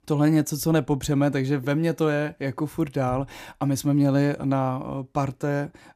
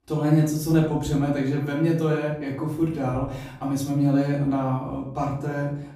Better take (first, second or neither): first